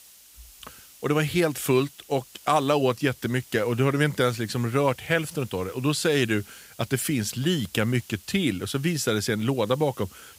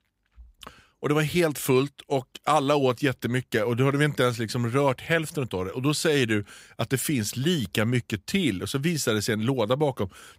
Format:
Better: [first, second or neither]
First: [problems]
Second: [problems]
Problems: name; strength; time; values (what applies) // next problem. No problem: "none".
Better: second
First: hiss; faint; throughout; 20 dB below the speech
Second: none